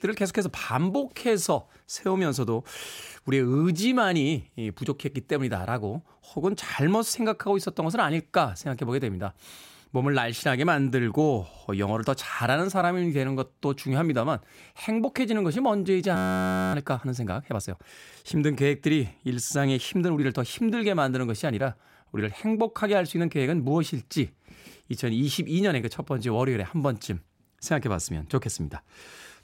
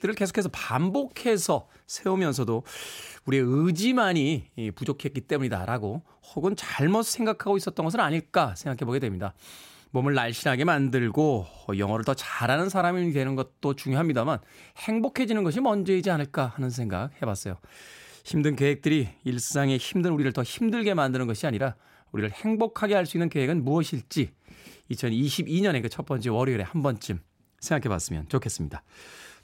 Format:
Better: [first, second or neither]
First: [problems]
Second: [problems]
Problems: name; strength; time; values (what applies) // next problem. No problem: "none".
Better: second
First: audio freezing; at 16 s for 0.5 s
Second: none